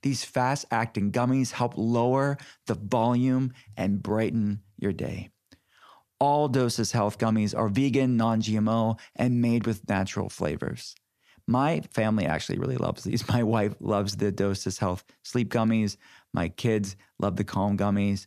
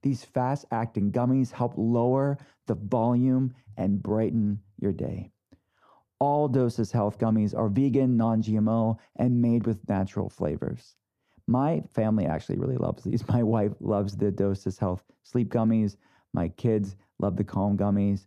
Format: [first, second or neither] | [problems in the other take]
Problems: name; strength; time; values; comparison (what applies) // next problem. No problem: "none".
first | muffled; slightly; fading above 1 kHz